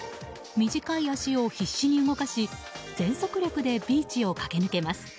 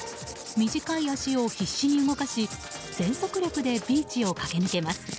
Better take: first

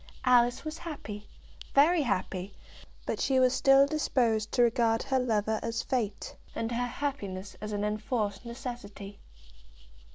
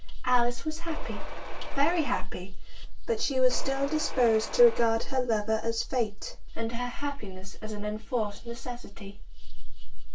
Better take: first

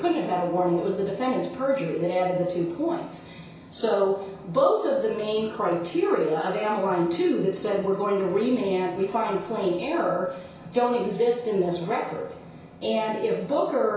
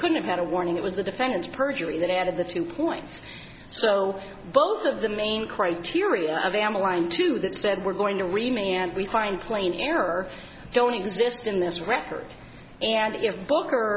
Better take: second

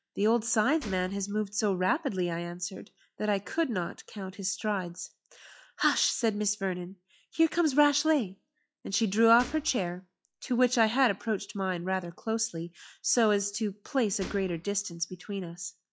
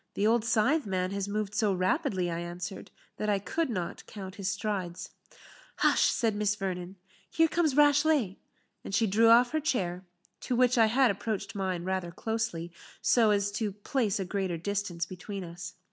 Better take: second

